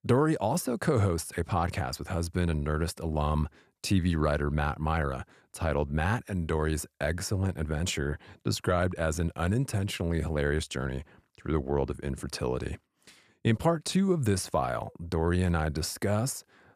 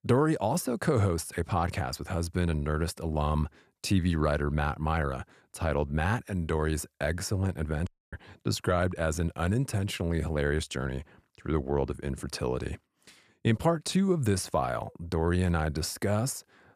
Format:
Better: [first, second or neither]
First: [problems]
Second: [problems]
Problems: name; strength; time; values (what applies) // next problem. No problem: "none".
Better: first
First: none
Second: audio cutting out; at 8 s